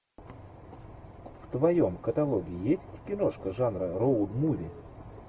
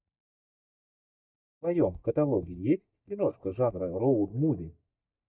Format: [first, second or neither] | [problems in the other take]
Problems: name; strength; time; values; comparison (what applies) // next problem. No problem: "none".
first | noise reduction (neural mask model DeepFilterNet 3)